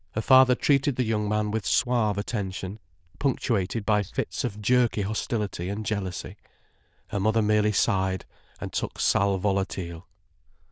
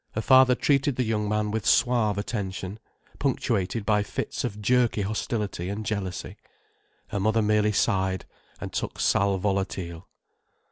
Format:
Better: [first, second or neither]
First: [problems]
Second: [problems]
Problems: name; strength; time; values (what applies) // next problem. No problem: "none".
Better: second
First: noise reduction (neural diffusion model UNIVERSE++)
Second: none